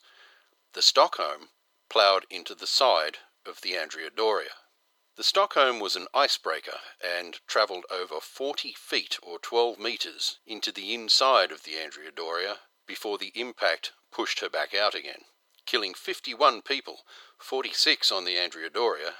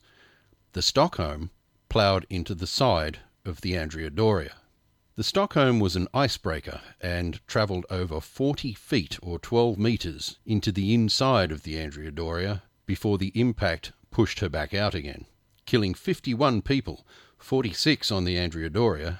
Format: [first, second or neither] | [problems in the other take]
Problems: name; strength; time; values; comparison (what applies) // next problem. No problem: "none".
second | thin; very; fading below 450 Hz